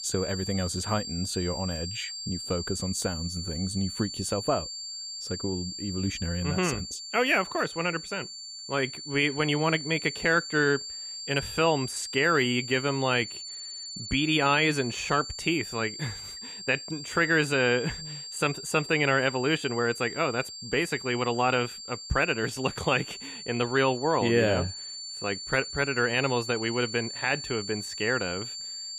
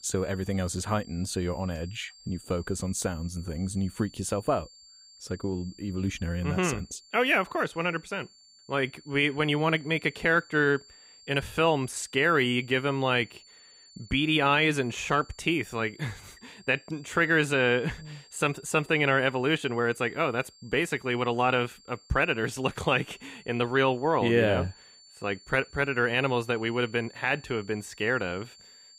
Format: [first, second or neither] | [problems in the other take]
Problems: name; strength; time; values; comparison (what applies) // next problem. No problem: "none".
second | high-pitched whine; loud; throughout; 4.5 kHz, 8 dB below the speech; faint in the second